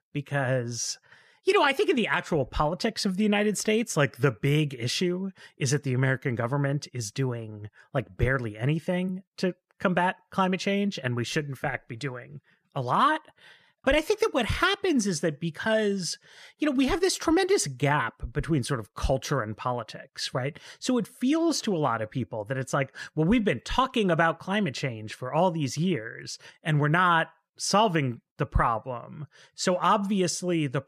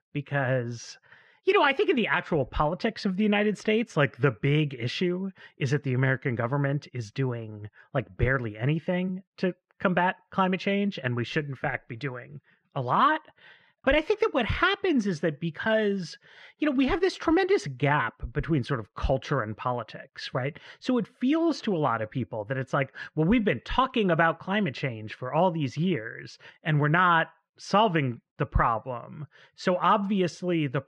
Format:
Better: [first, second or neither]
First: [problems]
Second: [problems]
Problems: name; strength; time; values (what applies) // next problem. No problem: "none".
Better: first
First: none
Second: muffled; slightly; fading above 2.5 kHz